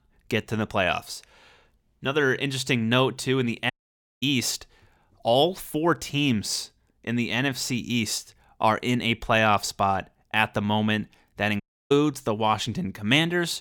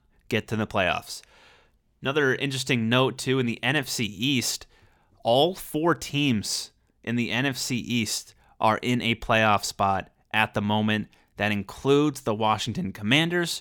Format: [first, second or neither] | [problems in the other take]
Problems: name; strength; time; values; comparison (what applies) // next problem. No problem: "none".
second | audio cutting out; at 3.5 s for 0.5 s and at 12 s